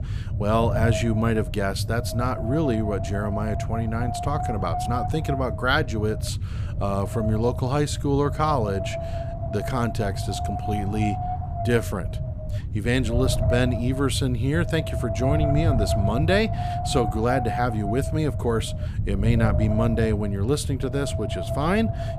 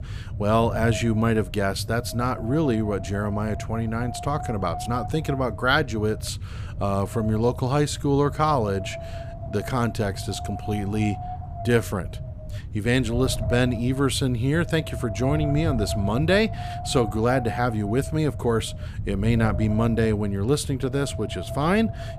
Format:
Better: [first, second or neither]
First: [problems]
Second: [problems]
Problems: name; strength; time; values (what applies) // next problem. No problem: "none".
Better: second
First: wind noise on the microphone; heavy; 4 dB below the speech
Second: wind noise on the microphone; occasional gusts; 10 dB below the speech